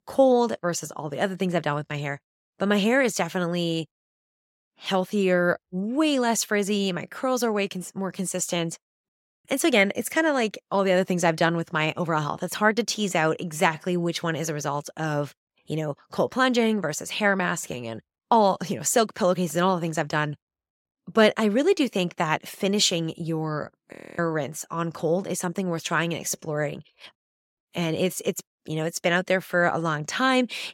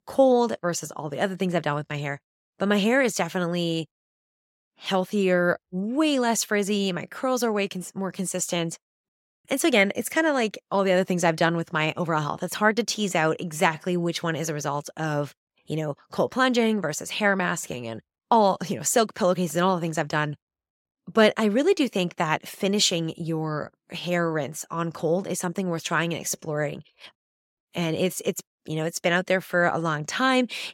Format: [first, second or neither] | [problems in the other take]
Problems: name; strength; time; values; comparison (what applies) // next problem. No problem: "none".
second | audio freezing; at 24 s